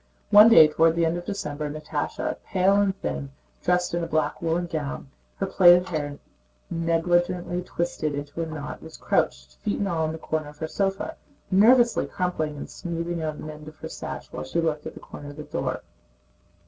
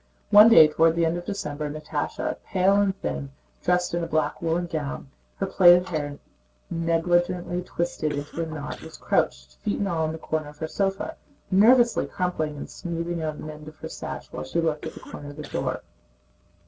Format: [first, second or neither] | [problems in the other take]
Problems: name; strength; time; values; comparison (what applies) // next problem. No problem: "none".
first | background sound (Cough); 17 dB below the speech